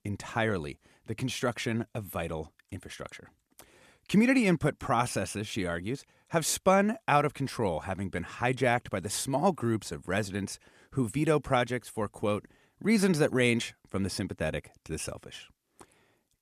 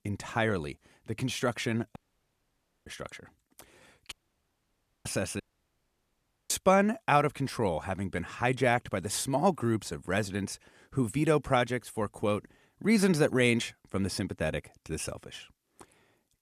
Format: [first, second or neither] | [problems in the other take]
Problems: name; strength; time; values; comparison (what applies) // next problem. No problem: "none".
first | audio cutting out; at 2 s for 1 s, at 4 s for 1 s and at 5.5 s for 1 s